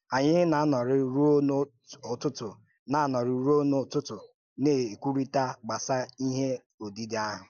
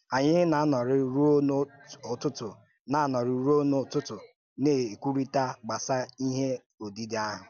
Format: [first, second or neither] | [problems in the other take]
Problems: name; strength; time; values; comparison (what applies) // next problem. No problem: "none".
second | noise reduction (neural mask model Resemble Enhance denoiser)